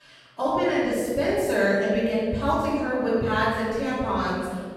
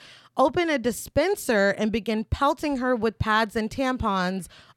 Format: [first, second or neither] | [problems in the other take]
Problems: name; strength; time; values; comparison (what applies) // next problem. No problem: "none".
second | off-mic speech; far // room echo; strong; dies away in 1.6 s